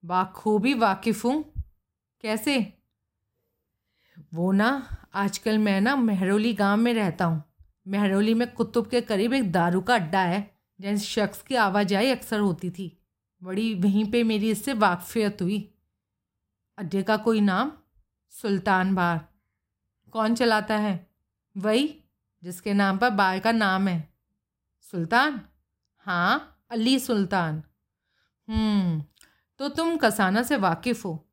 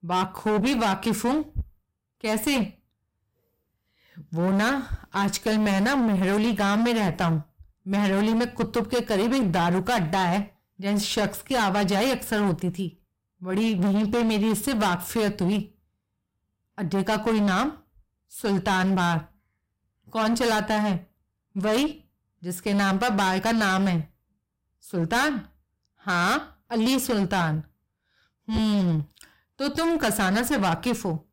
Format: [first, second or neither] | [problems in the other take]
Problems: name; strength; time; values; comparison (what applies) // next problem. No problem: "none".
first | distortion; heavy; 23% of the sound clipped